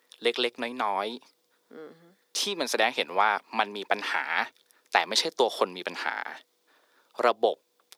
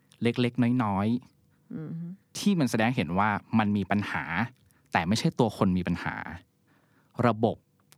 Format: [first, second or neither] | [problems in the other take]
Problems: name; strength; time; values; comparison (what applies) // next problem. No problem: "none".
second | thin; very; fading below 400 Hz